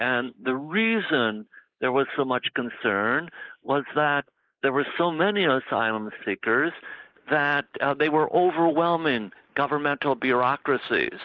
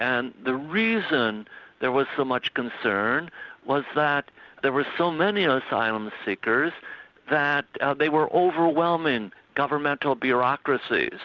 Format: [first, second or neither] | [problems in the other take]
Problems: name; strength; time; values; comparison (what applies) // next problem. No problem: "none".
second | noise reduction (neural mask model Resemble Enhance denoiser)